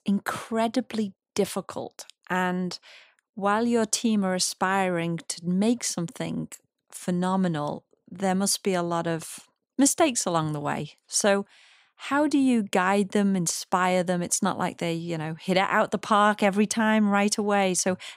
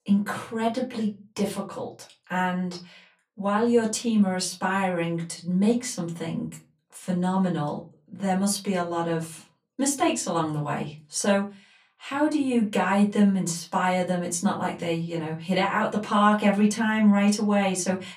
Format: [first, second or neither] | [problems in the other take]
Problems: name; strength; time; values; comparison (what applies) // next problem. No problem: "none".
first | off-mic speech; far // room echo; very slight; dies away in 0.3 s